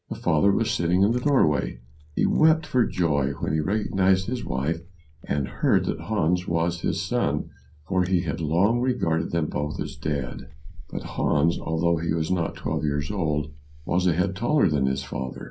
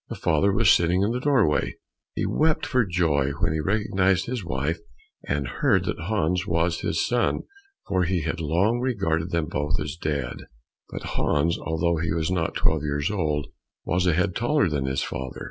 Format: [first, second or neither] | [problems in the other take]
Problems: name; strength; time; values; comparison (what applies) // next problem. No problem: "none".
second | background sound (Chewing, mastication); 20 dB below the speech // room echo; dies away in 0.3 s